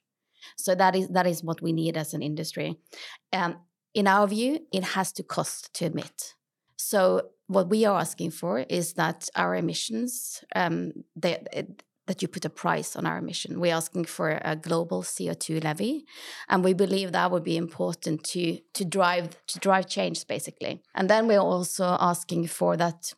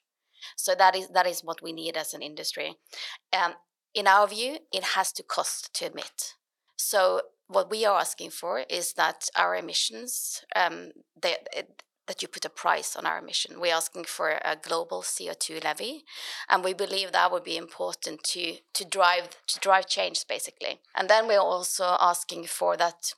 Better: first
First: none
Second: thin; very; fading below 700 Hz

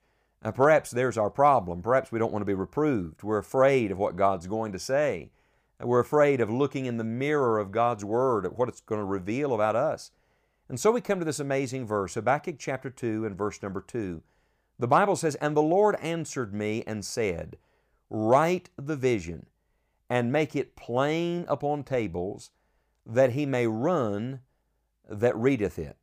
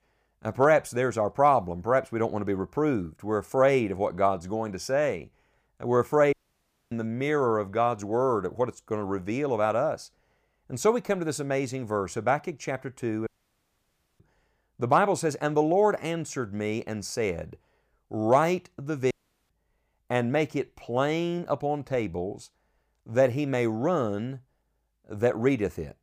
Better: first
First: none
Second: audio cutting out; at 6.5 s for 0.5 s, at 13 s for 1 s and at 19 s

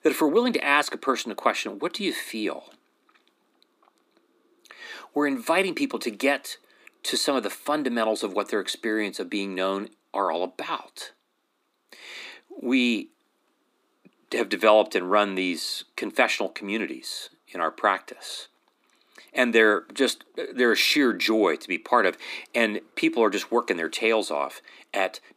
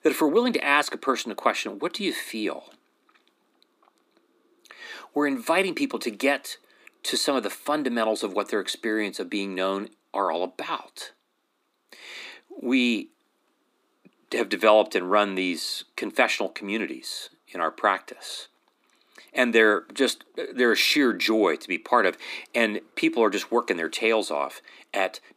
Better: neither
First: thin; very slightly; fading below 300 Hz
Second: thin; very slightly; fading below 300 Hz

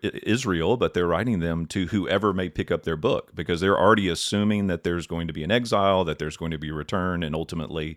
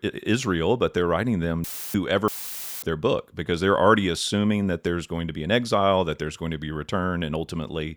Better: first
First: none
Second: audio cutting out; filled with static; at 1.5 s and at 2.5 s for 0.5 s

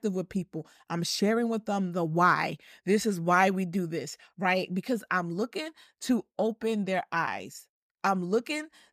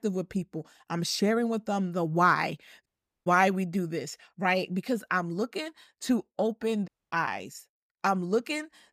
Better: first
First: none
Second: audio cutting out; at 3 s and at 7 s

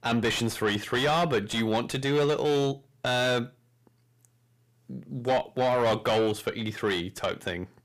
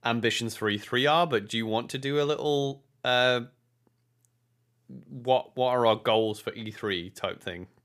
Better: second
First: distortion; heavy; 6 dB below the speech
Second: none

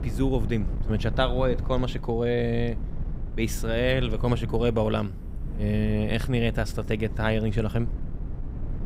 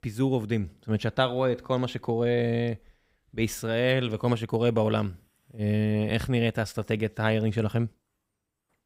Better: second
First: wind noise on the microphone; occasional gusts; 15 dB below the speech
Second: none

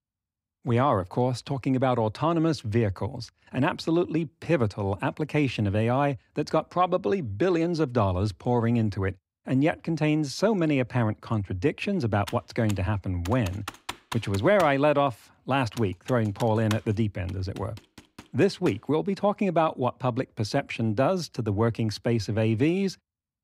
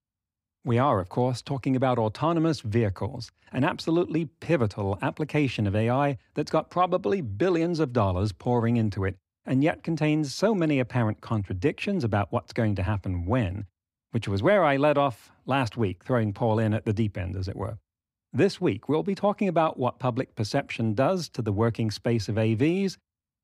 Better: second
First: keyboard typing; faint; from 12 to 19 s; peak 10 dB below the speech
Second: none

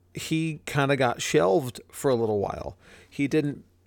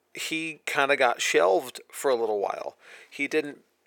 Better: first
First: none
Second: thin; somewhat; fading below 550 Hz

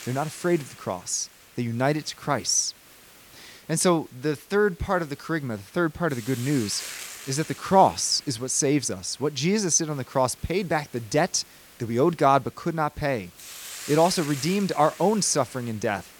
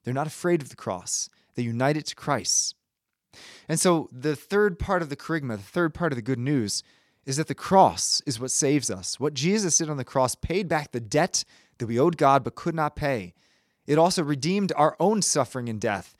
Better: second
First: hiss; noticeable; throughout; 15 dB below the speech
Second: none

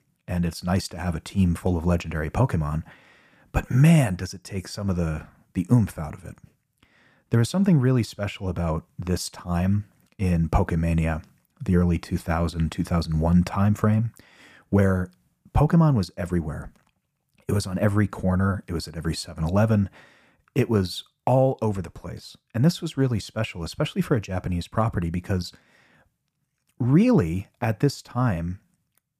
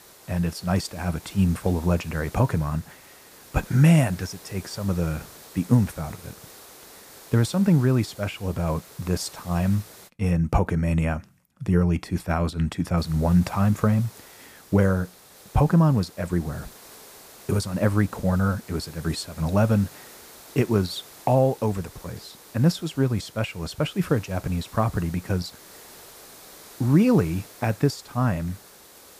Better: first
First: none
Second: hiss; faint; until 10 s and from 13 s on; 20 dB below the speech

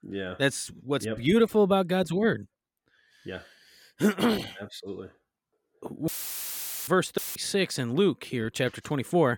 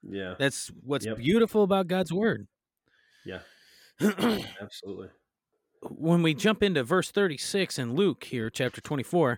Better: second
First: audio cutting out; filled with static; at 6 s for 1 s and at 7 s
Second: none

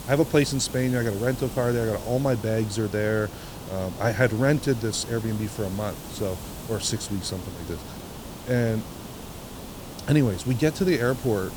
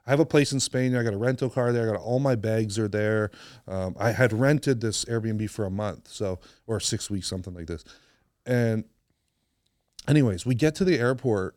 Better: second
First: hiss; noticeable; throughout; 10 dB below the speech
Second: none

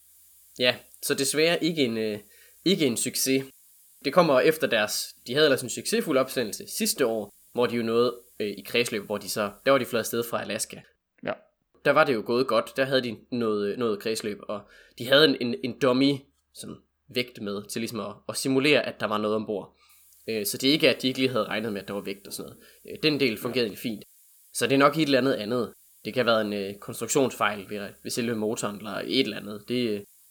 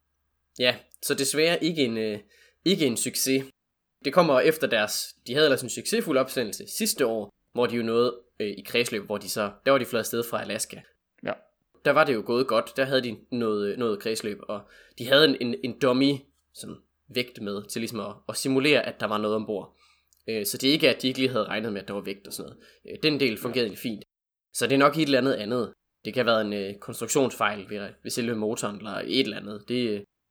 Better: second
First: hiss; faint; until 10 s and from 20 s on; 30 dB below the speech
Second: none

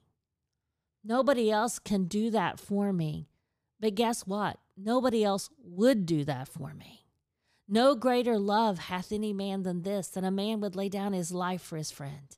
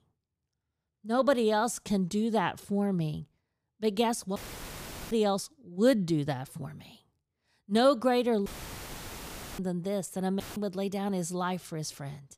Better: first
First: none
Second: audio cutting out; filled with static; at 4.5 s for 1 s, at 8.5 s for 1 s and at 10 s

